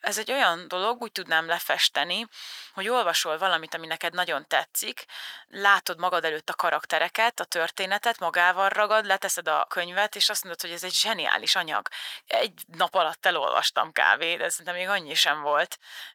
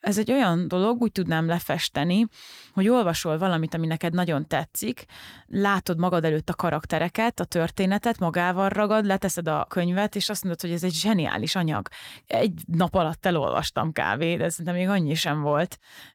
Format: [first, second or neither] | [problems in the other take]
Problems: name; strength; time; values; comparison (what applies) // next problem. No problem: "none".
second | thin; very; fading below 800 Hz